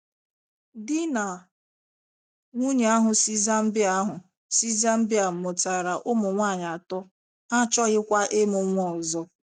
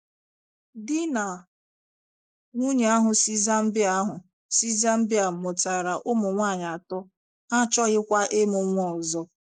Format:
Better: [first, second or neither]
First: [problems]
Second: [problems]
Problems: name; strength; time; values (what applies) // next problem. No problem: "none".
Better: first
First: none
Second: noise reduction (neural mask model Resemble Enhance denoiser)